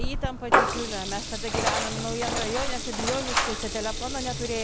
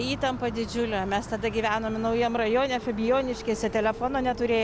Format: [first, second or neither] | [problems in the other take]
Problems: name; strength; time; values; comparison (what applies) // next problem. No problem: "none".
second | background sound (Engine + Water tap, faucet / Liquid); 4 dB above the speech